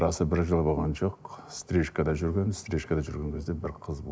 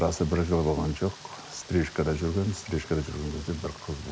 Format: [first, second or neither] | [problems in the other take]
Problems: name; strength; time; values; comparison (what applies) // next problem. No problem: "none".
first | background sound (Rain); 18 dB below the speech